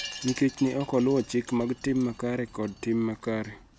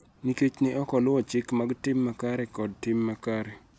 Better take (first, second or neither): second